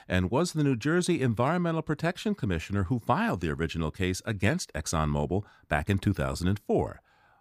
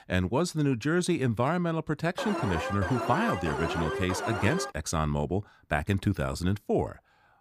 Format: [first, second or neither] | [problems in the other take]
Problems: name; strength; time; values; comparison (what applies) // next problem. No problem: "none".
first | alarm; noticeable; from 2 to 4.5 s; peak 3 dB below the speech